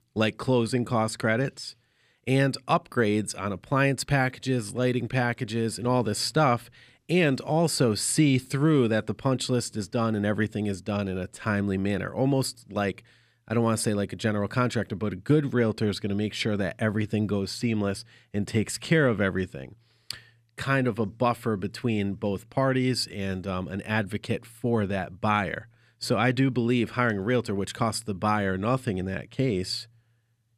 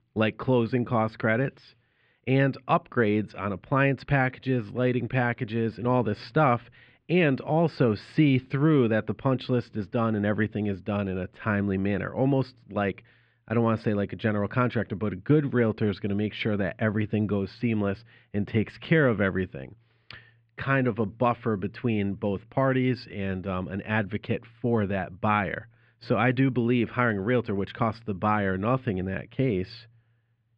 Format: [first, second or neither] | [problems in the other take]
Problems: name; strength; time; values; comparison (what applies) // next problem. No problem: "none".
first | muffled; very; fading above 3 kHz